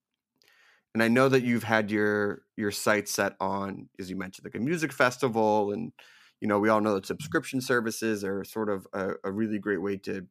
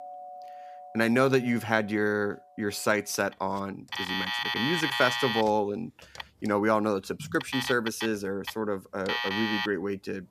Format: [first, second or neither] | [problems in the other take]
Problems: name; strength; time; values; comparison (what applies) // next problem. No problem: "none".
first | alarms or sirens; loud; throughout; 4 dB below the speech